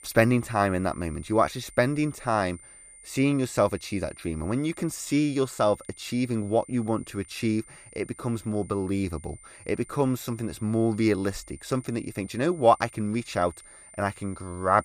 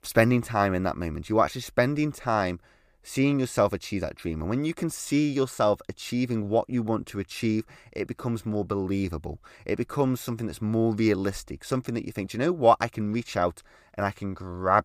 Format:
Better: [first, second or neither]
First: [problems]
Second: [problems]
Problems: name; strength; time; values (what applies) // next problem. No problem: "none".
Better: second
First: high-pitched whine; faint; throughout; 9 kHz, 20 dB below the speech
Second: none